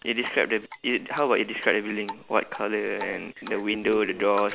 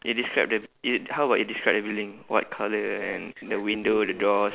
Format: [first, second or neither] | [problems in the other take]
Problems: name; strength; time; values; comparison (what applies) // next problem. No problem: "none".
second | background sound (Drip); 18 dB below the speech